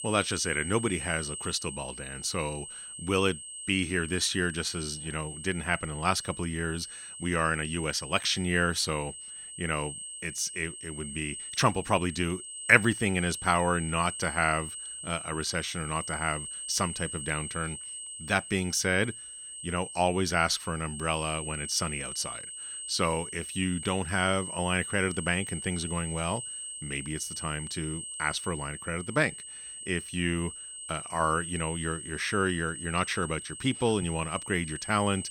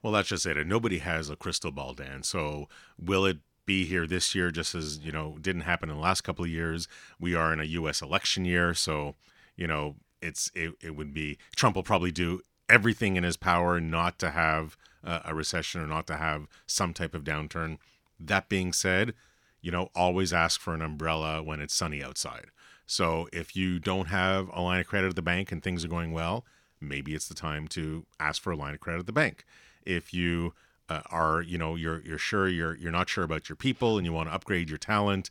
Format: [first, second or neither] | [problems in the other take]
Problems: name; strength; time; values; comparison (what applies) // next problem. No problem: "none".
second | high-pitched whine; loud; throughout; 8.5 kHz, 8 dB below the speech